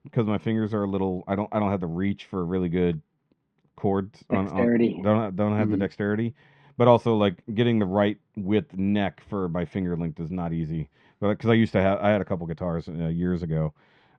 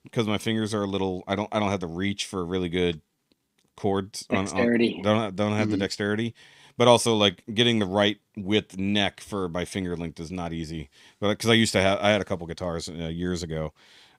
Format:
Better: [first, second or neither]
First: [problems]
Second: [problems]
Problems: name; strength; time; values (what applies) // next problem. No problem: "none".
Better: second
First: muffled; very; fading above 1.5 kHz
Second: none